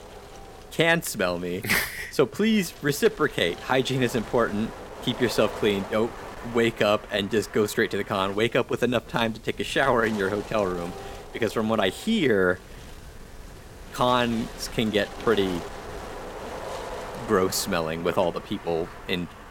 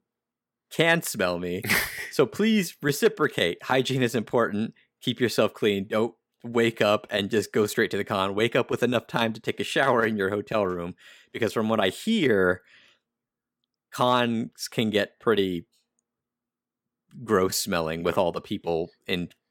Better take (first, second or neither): second